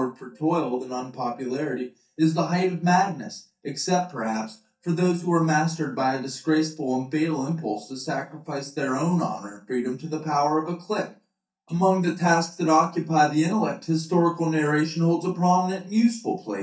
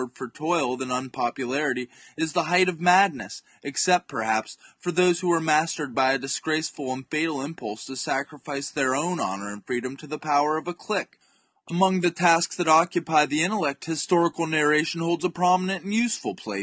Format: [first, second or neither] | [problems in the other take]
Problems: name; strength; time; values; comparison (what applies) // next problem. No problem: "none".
second | noise reduction (neural mask model DeepFilterNet 3)